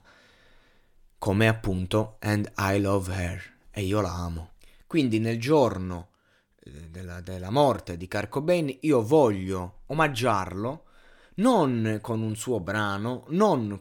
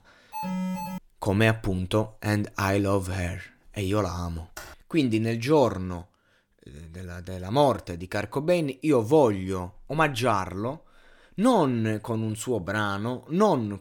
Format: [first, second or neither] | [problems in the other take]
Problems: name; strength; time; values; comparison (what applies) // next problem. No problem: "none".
first | alarm; noticeable; at 0.5 s; peak 5 dB below the speech // keyboard typing; faint; at 4.5 s; peak 15 dB below the speech